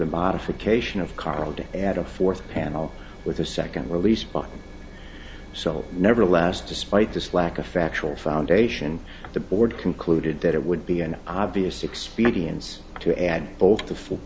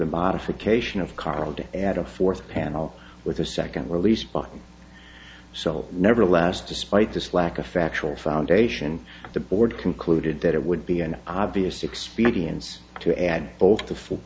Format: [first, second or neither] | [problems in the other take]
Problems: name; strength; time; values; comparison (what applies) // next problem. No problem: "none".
second | background sound (Engine); 17 dB below the speech